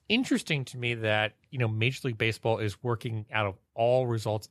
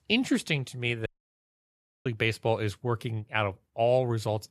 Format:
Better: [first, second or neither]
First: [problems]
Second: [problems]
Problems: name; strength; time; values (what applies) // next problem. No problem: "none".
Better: first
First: none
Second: audio cutting out; at 1 s for 1 s